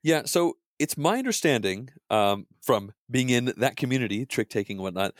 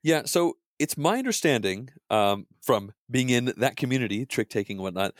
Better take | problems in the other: neither | none

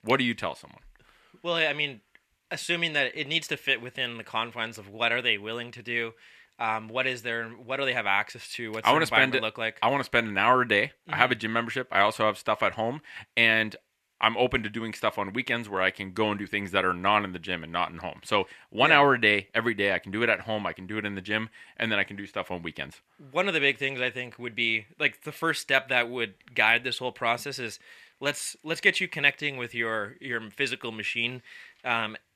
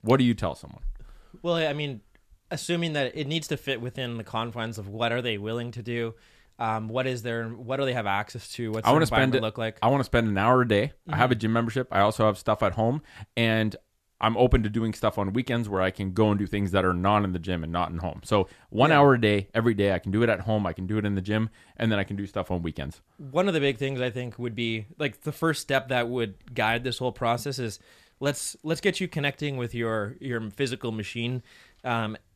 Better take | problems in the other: second | thin; somewhat; fading below 650 Hz

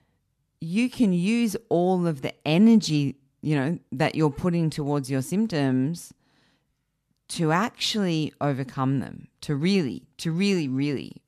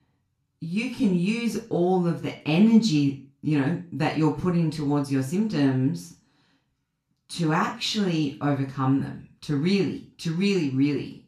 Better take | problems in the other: first | room echo; slight; dies away in 0.3 s // off-mic speech; far

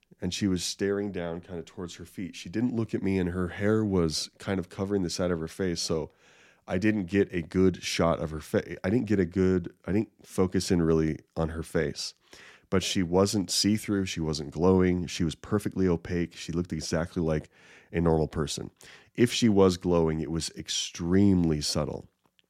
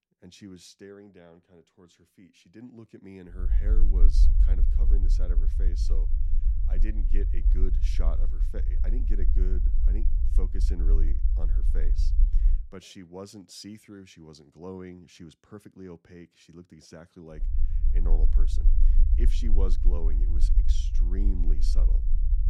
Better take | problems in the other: first | low rumble; loud; from 3.5 to 13 s and from 17 s on; 5 dB below the speech

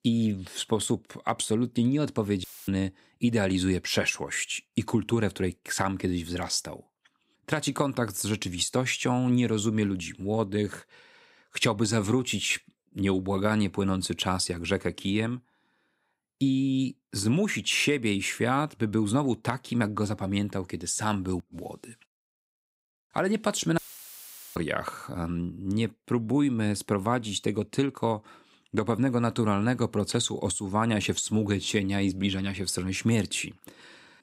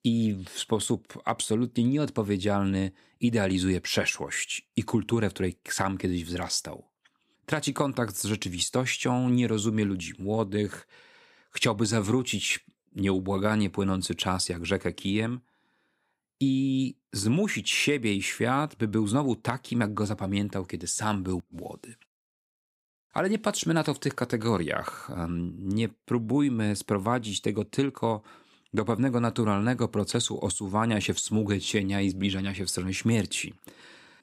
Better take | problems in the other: second | audio cutting out; filled with static; at 2.5 s and at 24 s for 1 s

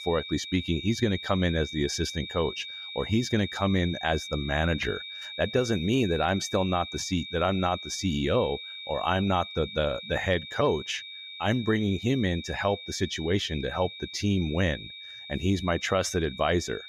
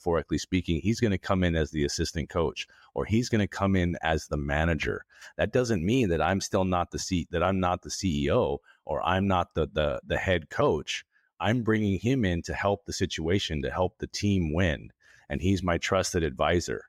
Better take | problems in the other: second | high-pitched whine; loud; throughout; 3.5 kHz, 10 dB below the speech

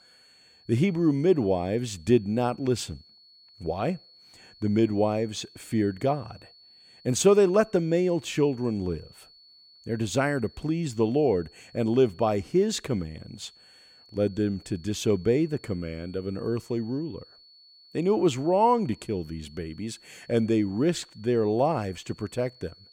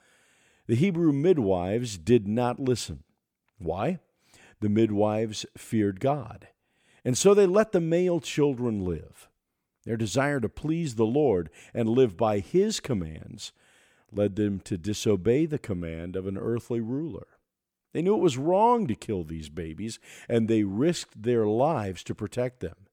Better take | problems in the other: second | high-pitched whine; faint; throughout; 4.5 kHz, 25 dB below the speech

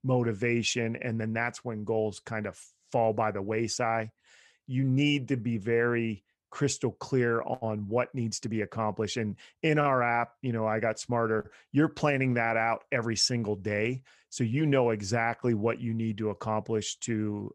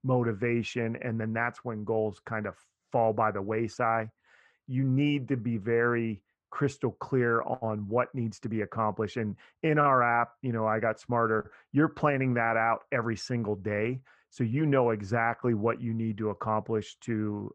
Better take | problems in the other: first | muffled; very; fading above 3 kHz

